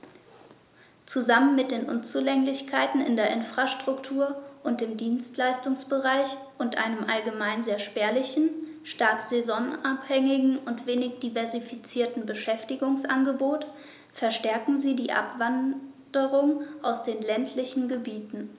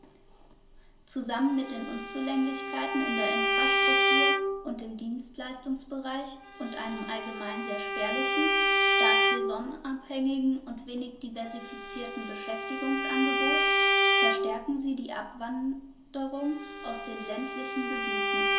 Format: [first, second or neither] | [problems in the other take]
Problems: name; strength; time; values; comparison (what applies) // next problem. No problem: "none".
first | background sound (Bowed string instrument); 4 dB above the speech // room echo; dies away in 0.2 s